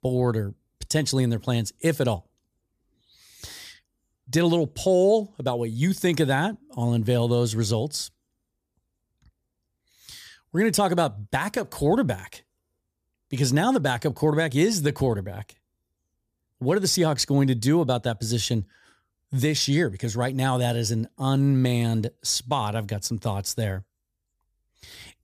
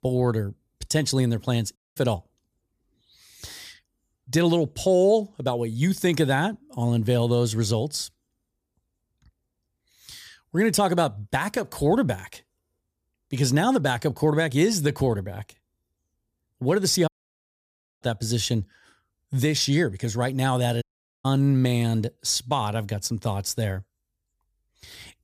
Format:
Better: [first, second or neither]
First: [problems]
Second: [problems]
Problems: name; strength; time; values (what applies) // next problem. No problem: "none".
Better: first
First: none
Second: audio cutting out; at 2 s, at 17 s for 1 s and at 21 s